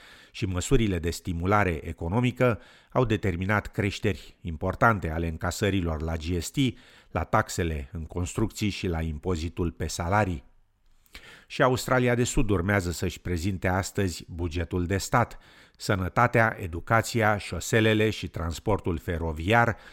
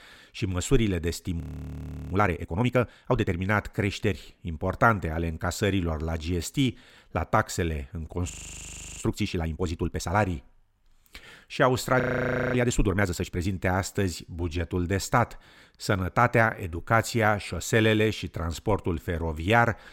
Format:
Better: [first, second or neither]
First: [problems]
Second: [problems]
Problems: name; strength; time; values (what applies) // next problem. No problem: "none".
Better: first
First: none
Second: audio freezing; at 1.5 s for 0.5 s, at 8.5 s for 0.5 s and at 12 s for 0.5 s